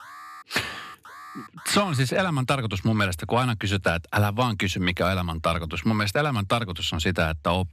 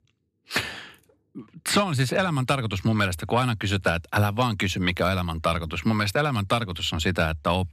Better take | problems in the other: second | alarm; faint; until 2 s; peak 15 dB below the speech

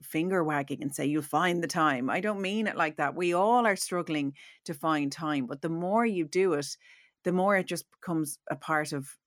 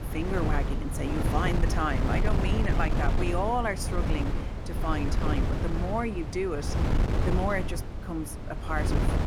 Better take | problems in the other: first | wind noise on the microphone; heavy; 4 dB below the speech

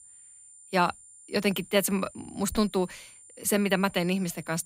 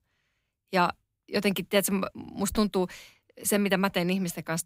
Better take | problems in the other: second | high-pitched whine; faint; throughout; 9 kHz, 20 dB below the speech

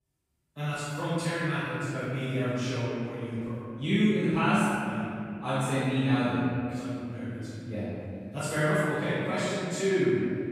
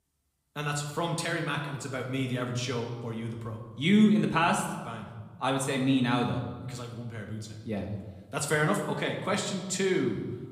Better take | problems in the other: second | room echo; strong; dies away in 2.5 s; slight in the second // off-mic speech; far; somewhat distant in the second

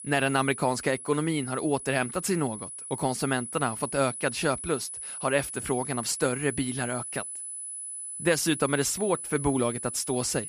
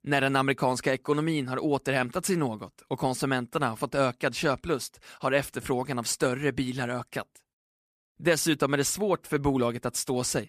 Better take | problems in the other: second | high-pitched whine; loud; throughout; 10 kHz, 7 dB below the speech

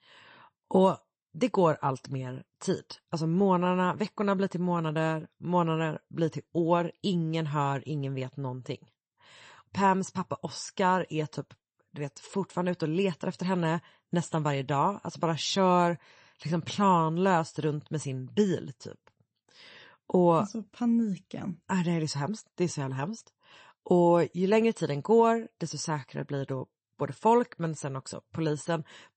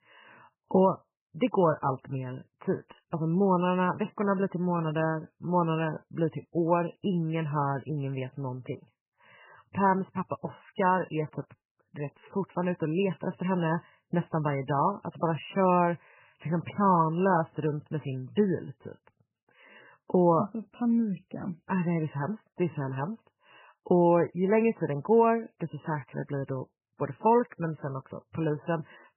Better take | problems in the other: first | garbled, watery; badly; nothing above 3 kHz; slightly in the first

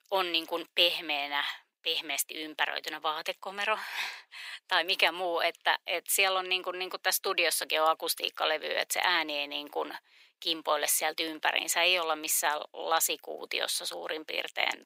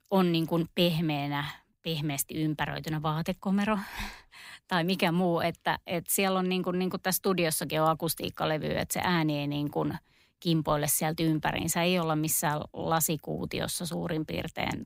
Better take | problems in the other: second | thin; very; fading below 400 Hz

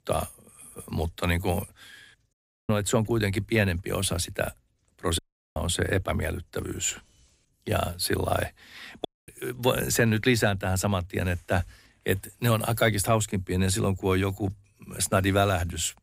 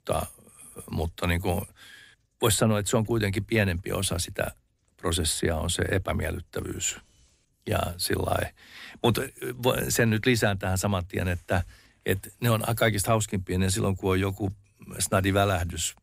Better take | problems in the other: second | audio cutting out; at 2.5 s, at 5 s and at 9 s

